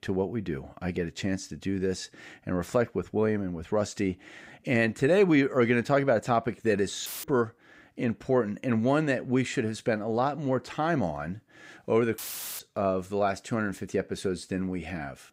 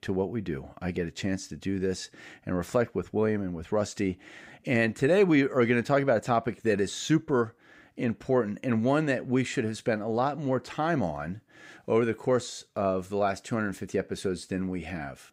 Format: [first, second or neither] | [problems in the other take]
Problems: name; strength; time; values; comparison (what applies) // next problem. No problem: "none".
second | audio cutting out; filled with static; at 7 s and at 12 s